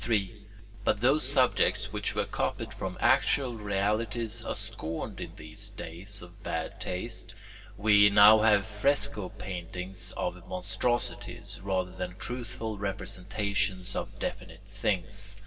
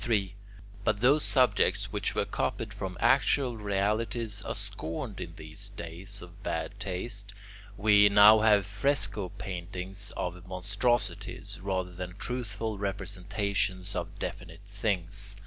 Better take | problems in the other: second | room echo; dies away in 2.2 s

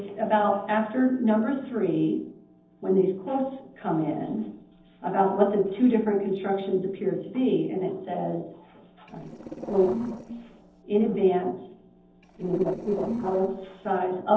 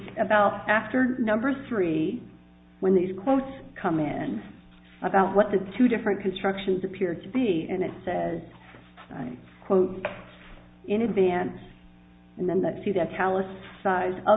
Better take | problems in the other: second | noise reduction (neural separator model SepFormer DNS4)

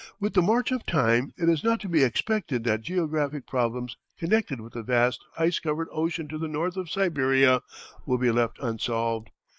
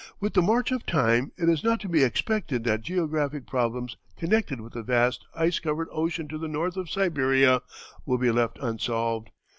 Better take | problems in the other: second | noise reduction (neural mask model Resemble Enhance denoiser)

